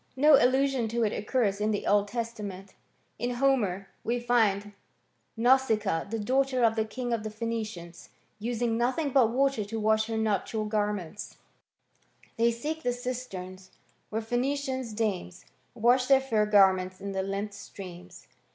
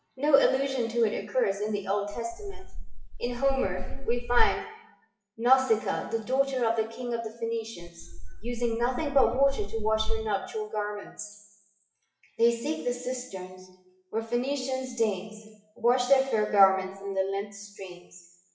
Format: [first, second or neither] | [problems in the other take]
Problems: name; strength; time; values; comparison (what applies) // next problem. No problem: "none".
first | noise reduction (classical method WPE with log-MMSE)